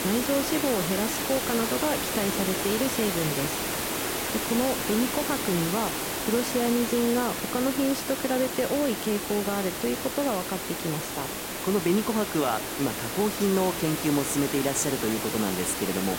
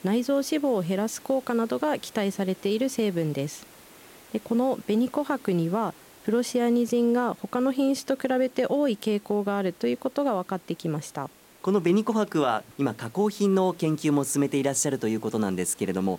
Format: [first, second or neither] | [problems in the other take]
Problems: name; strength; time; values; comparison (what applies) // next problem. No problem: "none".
second | hiss; loud; throughout; 1 dB below the speech; faint in the second